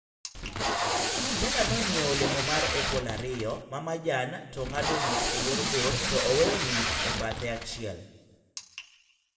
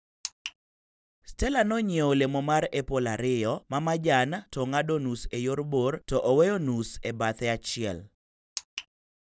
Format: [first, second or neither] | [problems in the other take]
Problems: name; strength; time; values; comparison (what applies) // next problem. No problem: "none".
second | background sound (Packing tape, duct tape); 3 dB above the speech // room echo; dies away in 1 s